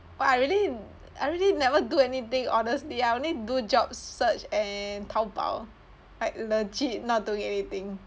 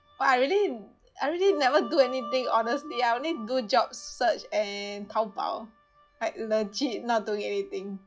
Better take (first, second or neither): first